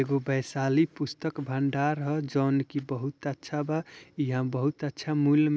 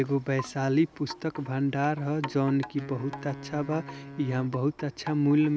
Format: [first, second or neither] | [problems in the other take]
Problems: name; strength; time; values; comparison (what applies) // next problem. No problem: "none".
first | background sound (Wind instrument, woodwind instrument + Wind chime); 15 dB below the speech